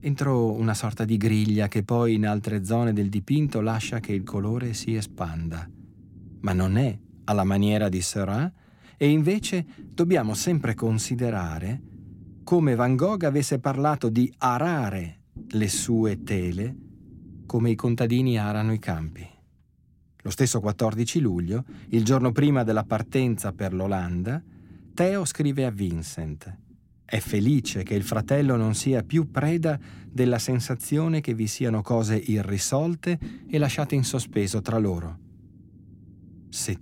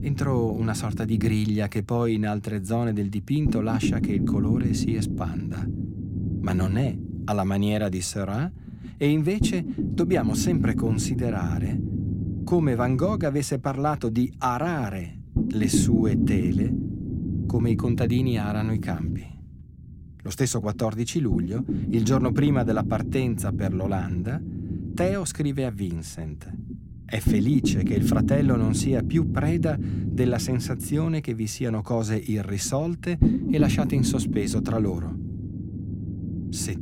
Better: first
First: low rumble; faint; throughout; 25 dB below the speech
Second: low rumble; loud; throughout; 5 dB below the speech

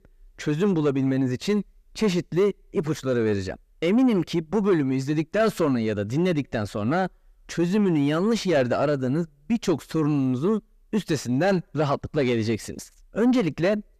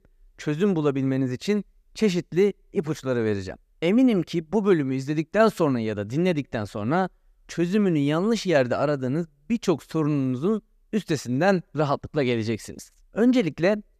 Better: second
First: distortion; slight; 10 dB below the speech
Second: none

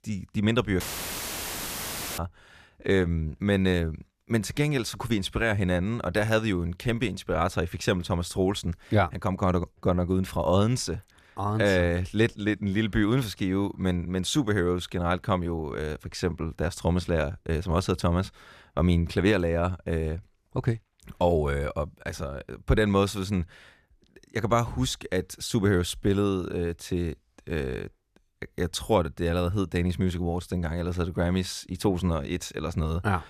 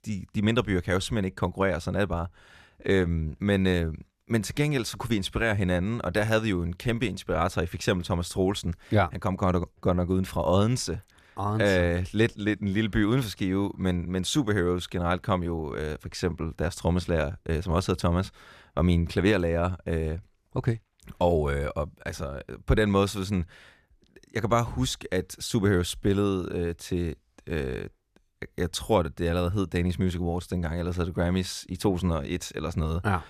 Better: second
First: audio cutting out; filled with static; at 1 s for 1.5 s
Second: none

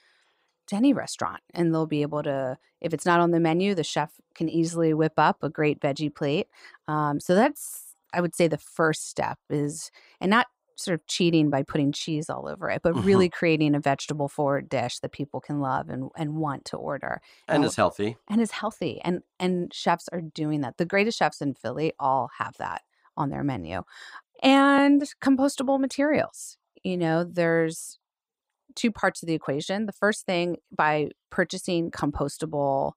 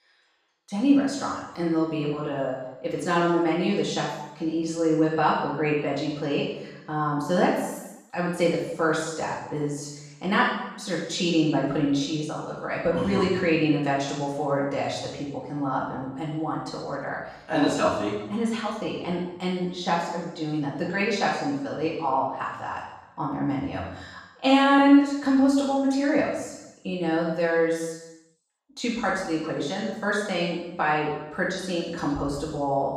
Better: first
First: none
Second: room echo; strong; dies away in 0.9 s // off-mic speech; far

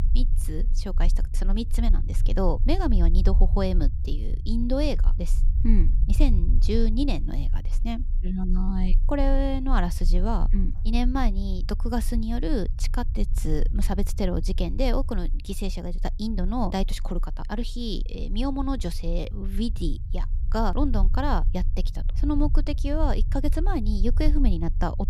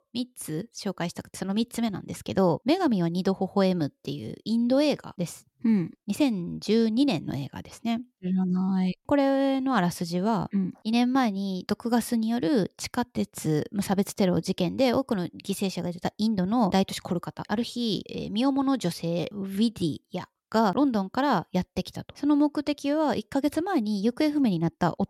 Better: second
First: low rumble; noticeable; throughout; 15 dB below the speech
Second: none

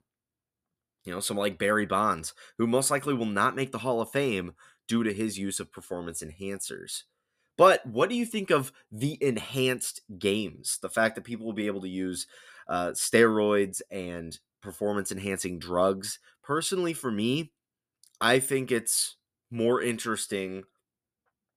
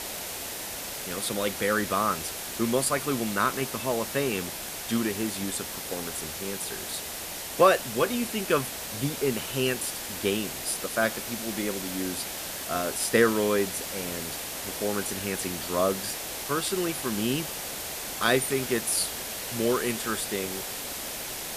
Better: first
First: none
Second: hiss; loud; throughout; 4 dB below the speech

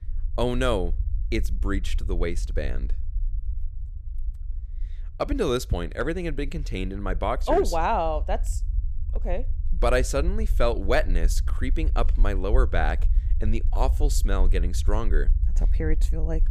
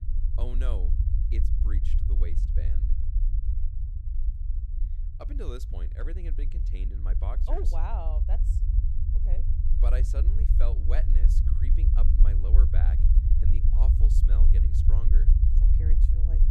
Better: first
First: low rumble; faint; throughout; 20 dB below the speech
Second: low rumble; loud; throughout; 2 dB below the speech

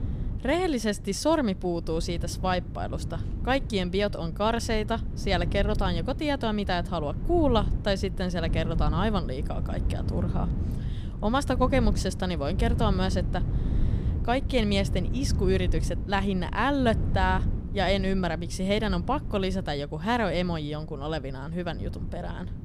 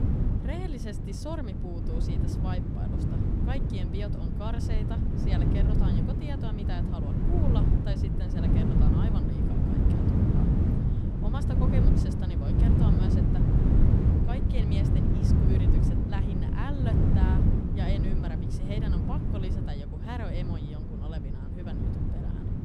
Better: first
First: wind noise on the microphone; occasional gusts; 15 dB below the speech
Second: wind noise on the microphone; heavy; 5 dB above the speech

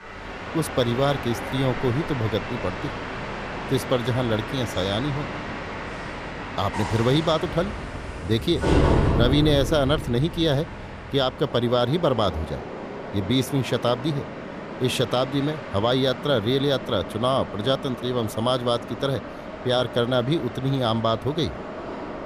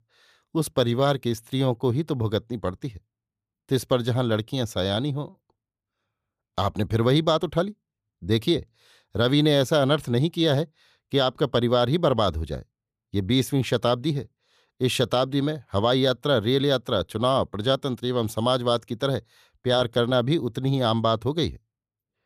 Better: second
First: train or aircraft noise; loud; throughout; 7 dB below the speech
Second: none

